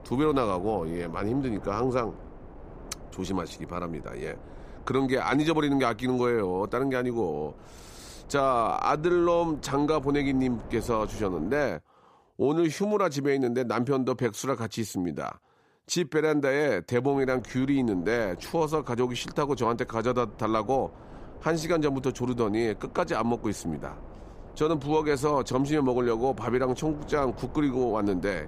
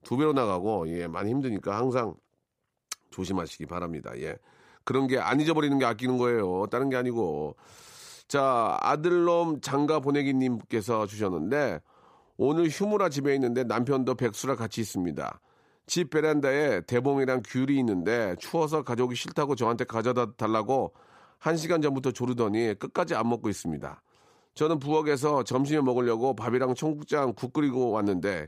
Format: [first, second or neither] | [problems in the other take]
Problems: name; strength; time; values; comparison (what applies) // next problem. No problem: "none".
second | wind noise on the microphone; occasional gusts; until 12 s and from 17 s on; 20 dB below the speech